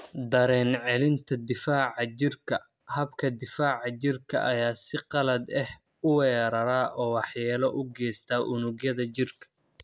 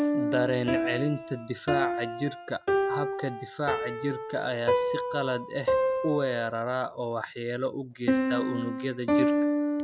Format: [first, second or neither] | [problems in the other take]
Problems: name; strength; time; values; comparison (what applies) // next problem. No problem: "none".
first | background sound (Piano); 2 dB above the speech